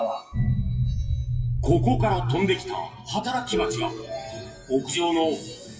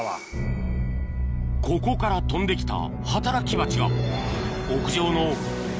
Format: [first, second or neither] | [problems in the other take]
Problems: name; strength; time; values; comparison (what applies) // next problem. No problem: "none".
second | noise reduction (classical method WPE with log-MMSE)